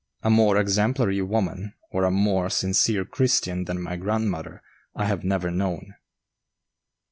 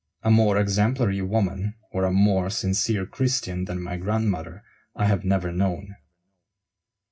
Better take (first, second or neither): first